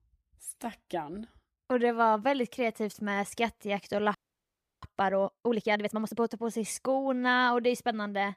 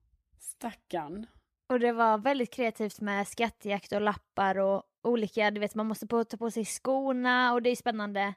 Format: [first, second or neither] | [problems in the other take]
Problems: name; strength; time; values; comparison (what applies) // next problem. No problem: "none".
second | audio freezing; at 4 s for 0.5 s